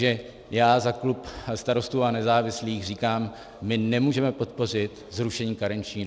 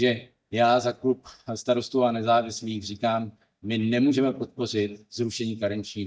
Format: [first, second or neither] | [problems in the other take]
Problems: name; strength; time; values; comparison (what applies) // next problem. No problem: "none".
first | noise reduction (neural mask model DeepFilterNet 3)